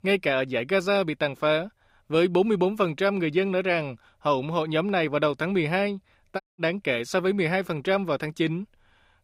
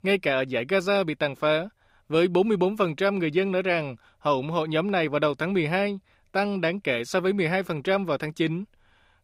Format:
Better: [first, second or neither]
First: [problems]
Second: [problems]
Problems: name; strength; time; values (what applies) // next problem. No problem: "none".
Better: second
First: audio cutting out; at 6.5 s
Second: none